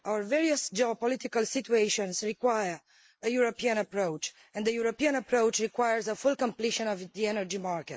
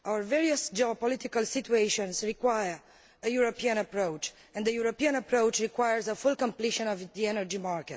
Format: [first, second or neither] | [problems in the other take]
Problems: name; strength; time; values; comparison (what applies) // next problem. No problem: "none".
second | noise reduction (neural mask model Resemble Enhance denoiser)